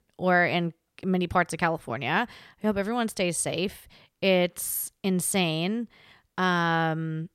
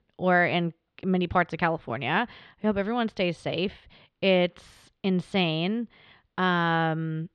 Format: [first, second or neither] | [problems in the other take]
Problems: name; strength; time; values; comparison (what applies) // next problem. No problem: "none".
first | muffled; slightly; fading above 3.5 kHz